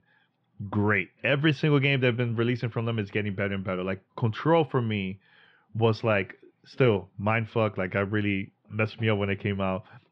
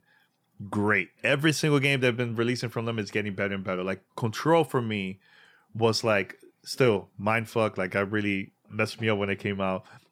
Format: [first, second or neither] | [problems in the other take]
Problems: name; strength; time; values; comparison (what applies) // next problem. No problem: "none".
second | muffled; slightly; fading above 3.5 kHz